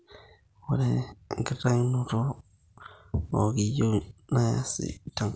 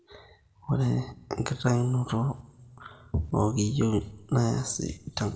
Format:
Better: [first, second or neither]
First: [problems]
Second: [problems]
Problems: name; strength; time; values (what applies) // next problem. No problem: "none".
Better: first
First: none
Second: room echo; dies away in 1 s